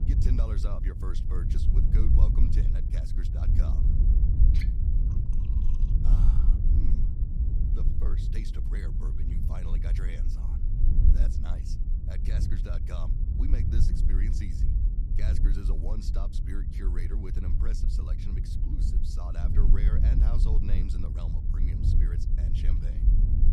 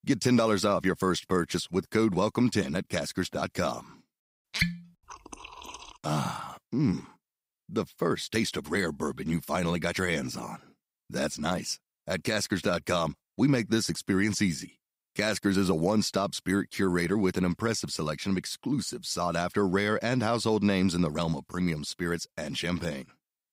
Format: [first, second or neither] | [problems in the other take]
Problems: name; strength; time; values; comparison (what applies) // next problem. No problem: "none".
second | wind noise on the microphone; heavy; 1 dB above the speech